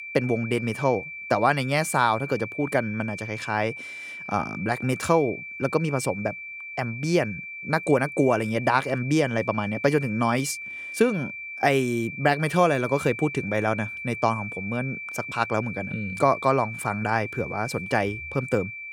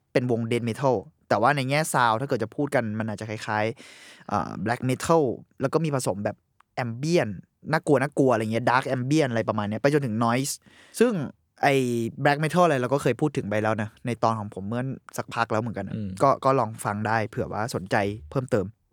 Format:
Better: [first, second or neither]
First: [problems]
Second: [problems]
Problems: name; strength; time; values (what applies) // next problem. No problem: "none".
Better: second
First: high-pitched whine; loud; throughout; 2.5 kHz, 9 dB below the speech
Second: none